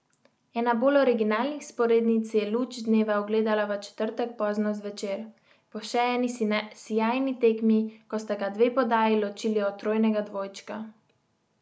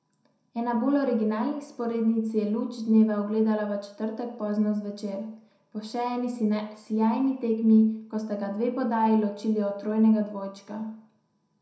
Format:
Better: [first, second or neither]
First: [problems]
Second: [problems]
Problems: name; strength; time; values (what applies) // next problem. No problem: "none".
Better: first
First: none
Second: room echo; dies away in 0.6 s